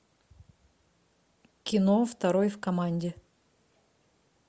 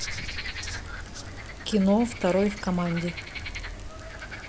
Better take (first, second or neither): first